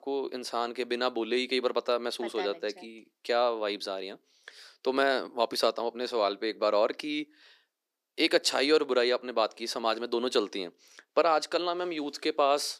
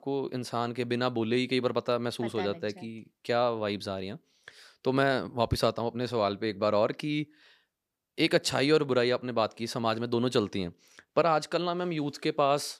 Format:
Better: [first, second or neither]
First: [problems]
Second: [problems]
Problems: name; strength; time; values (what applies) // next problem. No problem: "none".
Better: second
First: thin; somewhat; fading below 300 Hz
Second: none